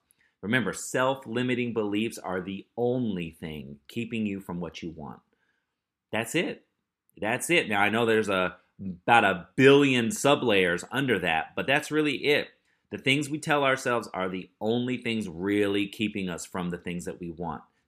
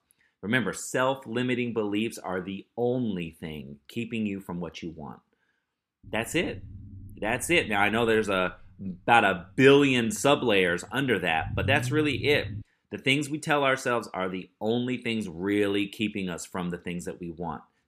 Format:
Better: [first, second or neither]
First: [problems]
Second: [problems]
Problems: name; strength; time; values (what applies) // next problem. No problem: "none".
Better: first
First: none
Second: low rumble; faint; from 6 to 13 s; 25 dB below the speech